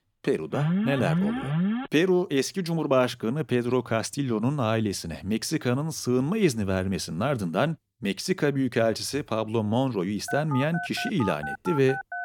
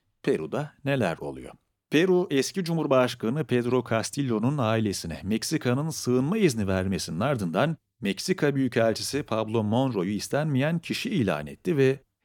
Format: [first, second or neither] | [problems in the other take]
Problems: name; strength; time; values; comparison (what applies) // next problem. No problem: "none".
second | alarm; noticeable; from 0.5 to 2 s; peak level with the speech // phone ringing; noticeable; from 10 s on; peak 7 dB below the speech